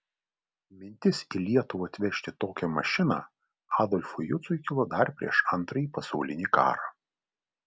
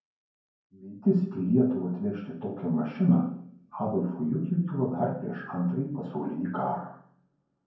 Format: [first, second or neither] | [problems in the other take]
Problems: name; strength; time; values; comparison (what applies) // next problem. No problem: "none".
first | room echo; dies away in 0.9 s